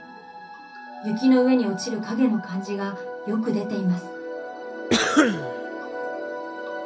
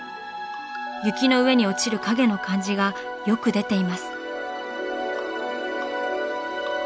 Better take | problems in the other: second | background sound (Cough); 2 dB above the speech // room echo; dies away in 0.3 s

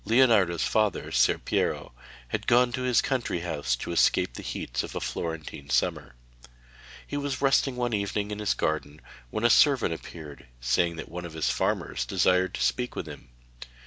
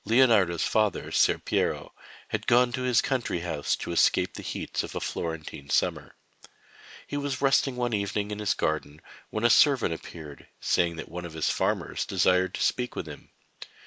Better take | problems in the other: first | noise reduction (neural mask model Resemble Enhance denoiser)

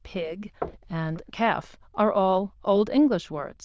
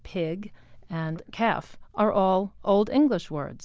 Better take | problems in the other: second | noise reduction (neural diffusion model UNIVERSE++)

